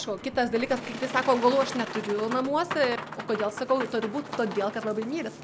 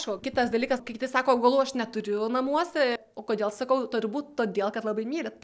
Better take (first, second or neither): second